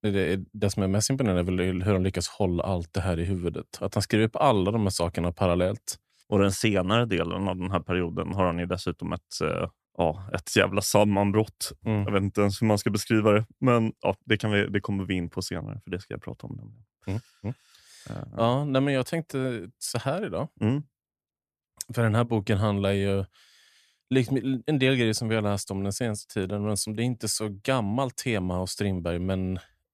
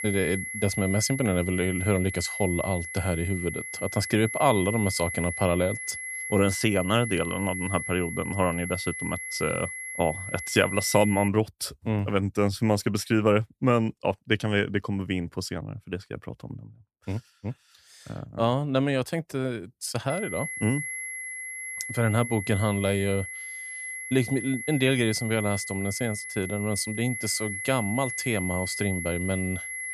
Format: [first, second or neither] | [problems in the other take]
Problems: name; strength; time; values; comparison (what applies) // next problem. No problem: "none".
first | high-pitched whine; loud; until 11 s and from 20 s on; 2 kHz, 6 dB below the speech